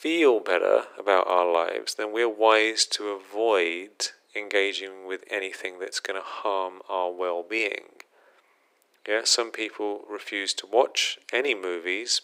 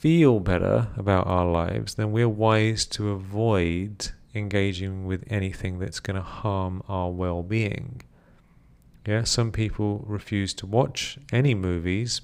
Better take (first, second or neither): second